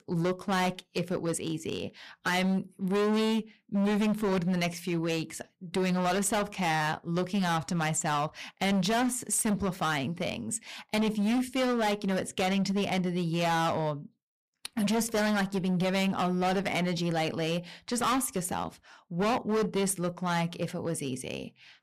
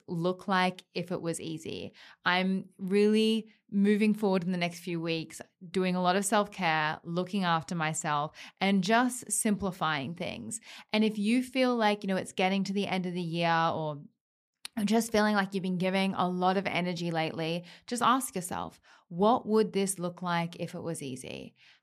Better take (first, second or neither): second